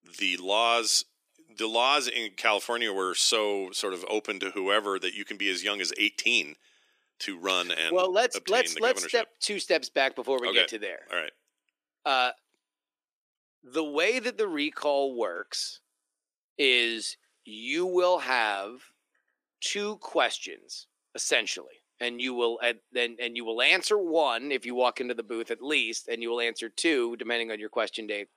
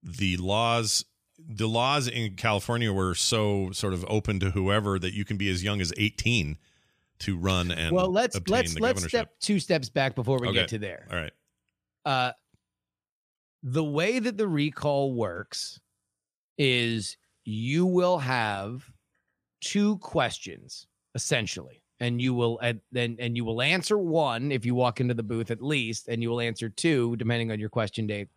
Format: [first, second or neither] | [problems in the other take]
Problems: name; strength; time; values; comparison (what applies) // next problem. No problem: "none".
second | thin; somewhat; fading below 300 Hz